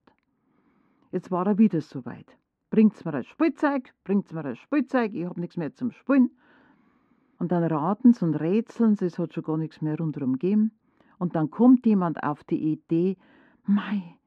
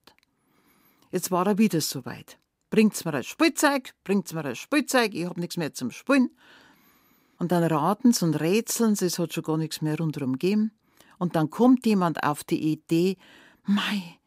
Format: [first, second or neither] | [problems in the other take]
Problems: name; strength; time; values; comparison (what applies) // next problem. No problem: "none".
second | muffled; very; fading above 1.5 kHz